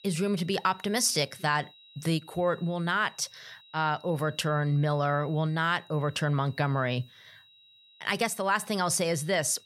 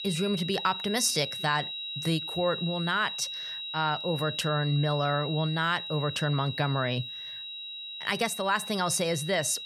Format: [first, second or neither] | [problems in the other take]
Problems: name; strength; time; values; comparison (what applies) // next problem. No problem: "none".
first | high-pitched whine; loud; throughout; 4 kHz, 6 dB below the speech; faint in the first